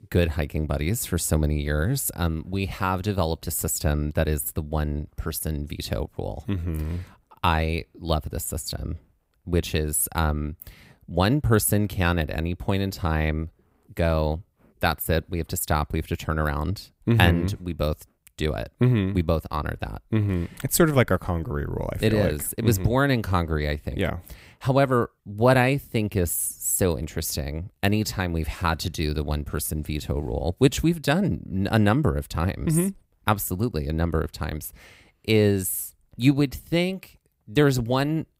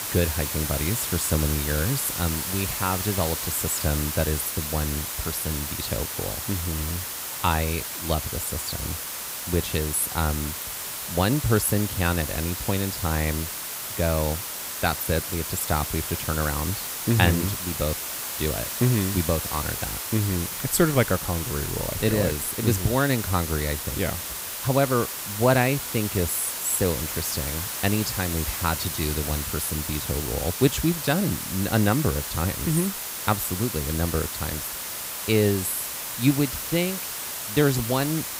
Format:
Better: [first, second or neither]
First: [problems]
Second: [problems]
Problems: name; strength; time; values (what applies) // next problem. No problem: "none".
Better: first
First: none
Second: hiss; loud; throughout; 3 dB below the speech